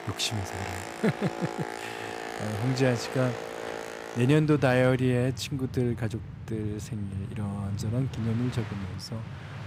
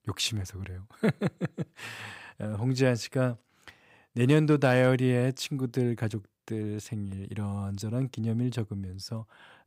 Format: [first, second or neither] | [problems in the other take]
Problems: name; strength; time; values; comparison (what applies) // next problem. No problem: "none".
second | train or aircraft noise; loud; throughout; 9 dB below the speech